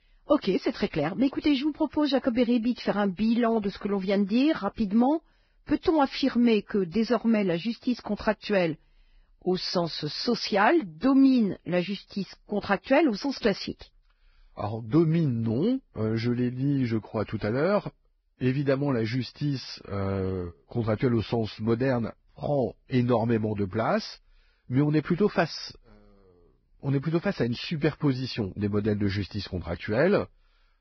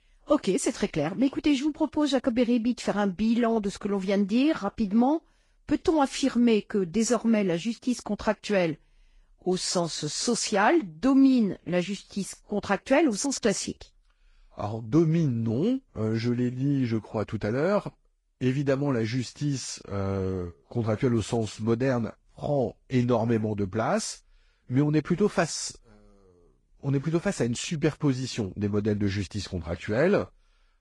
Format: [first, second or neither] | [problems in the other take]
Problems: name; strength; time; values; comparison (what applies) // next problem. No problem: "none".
second | garbled, watery; badly; nothing above 5.5 kHz; slightly in the second